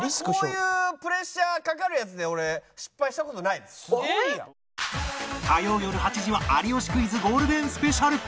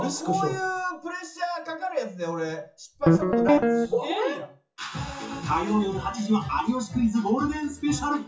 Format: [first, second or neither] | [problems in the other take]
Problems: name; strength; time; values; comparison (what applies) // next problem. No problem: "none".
first | noise reduction (classical method WPE with log-MMSE)